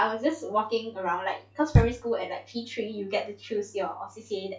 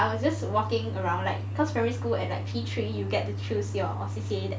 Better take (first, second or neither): second